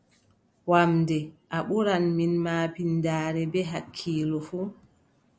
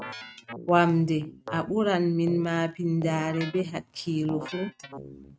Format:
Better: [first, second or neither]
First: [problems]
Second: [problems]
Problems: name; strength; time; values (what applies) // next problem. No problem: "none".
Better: first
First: none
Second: noise reduction (neural mask model RNNoise)